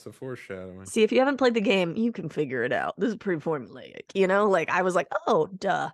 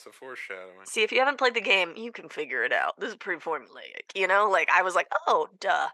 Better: first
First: none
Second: thin; very; fading below 550 Hz

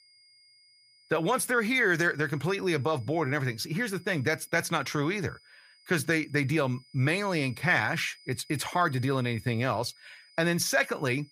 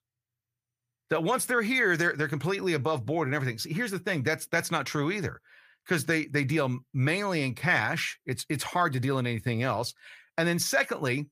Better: second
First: high-pitched whine; faint; throughout; 5 kHz, 25 dB below the speech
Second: none

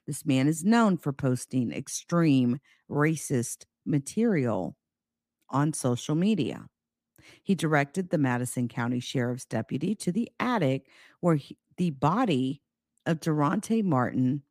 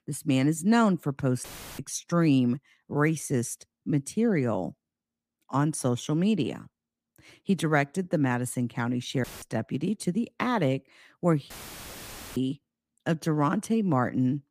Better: first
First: none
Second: audio cutting out; filled with static; at 1.5 s, at 9 s and at 12 s for 1 s

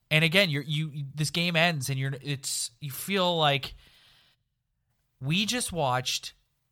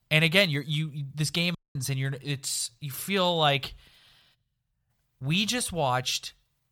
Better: first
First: none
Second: audio cutting out; at 1.5 s

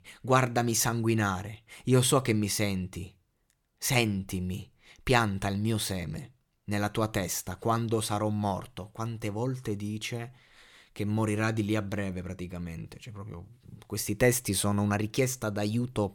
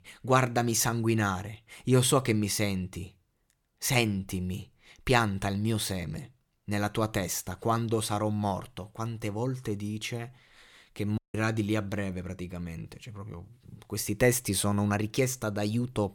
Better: first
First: none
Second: audio cutting out; at 11 s

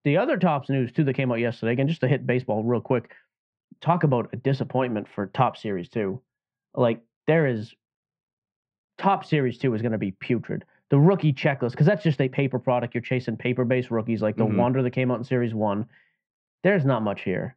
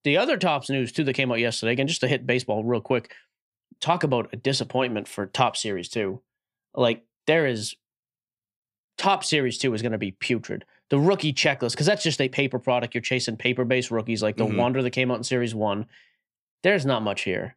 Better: second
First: muffled; very; fading above 1.5 kHz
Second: none

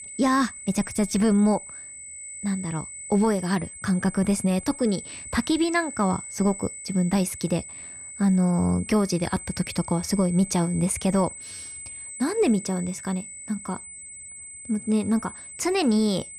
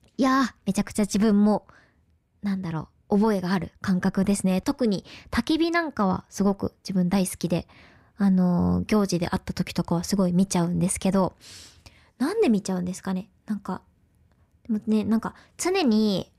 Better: second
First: high-pitched whine; noticeable; throughout; 8 kHz, 10 dB below the speech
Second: none

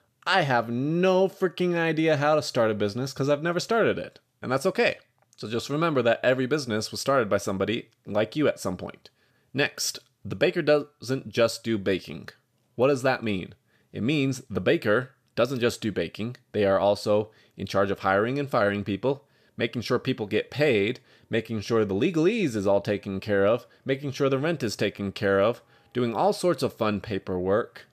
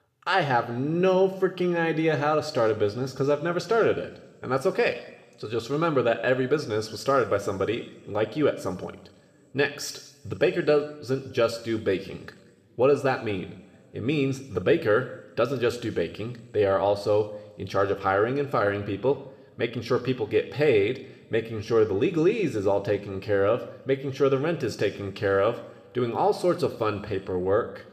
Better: first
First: none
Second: room echo; very slight; dies away in 1.8 s

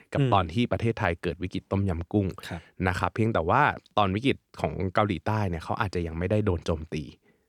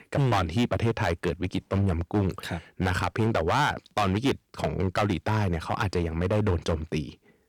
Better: first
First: none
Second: distortion; heavy; 9% of the sound clipped

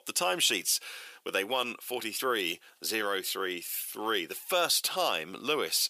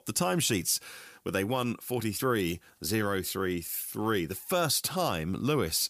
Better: second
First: thin; somewhat; fading below 500 Hz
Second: none

